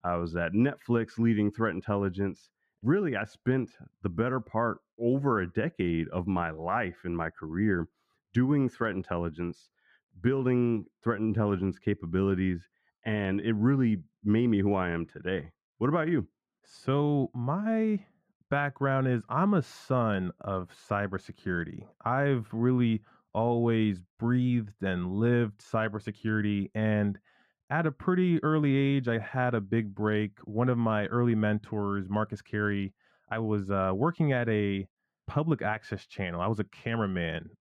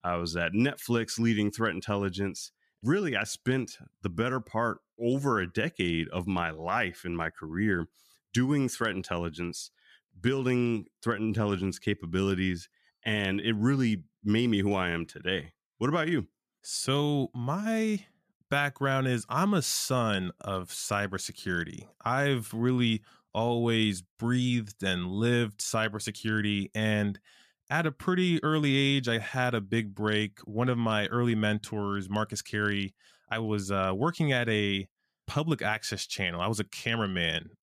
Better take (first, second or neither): second